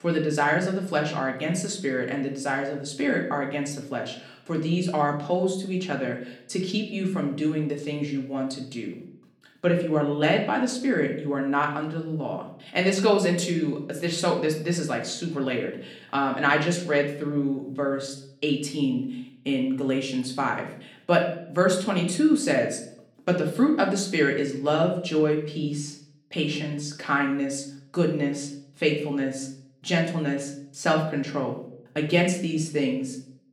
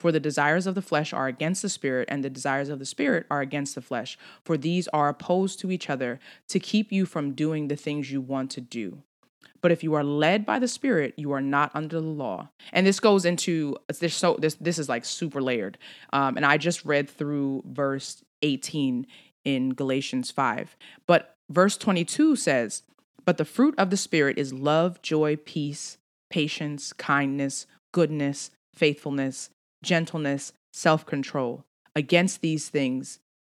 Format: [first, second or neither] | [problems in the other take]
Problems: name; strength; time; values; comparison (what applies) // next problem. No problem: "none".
second | room echo; slight; dies away in 0.5 s // off-mic speech; somewhat distant